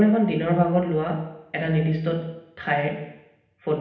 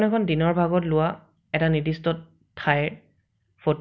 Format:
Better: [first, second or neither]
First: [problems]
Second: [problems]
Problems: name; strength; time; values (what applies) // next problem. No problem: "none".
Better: second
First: room echo; dies away in 0.8 s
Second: none